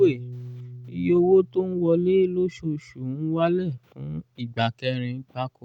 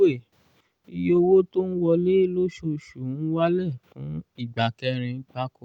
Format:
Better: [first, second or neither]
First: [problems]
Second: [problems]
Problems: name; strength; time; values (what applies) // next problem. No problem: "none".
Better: second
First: background sound (Piano); 19 dB below the speech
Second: none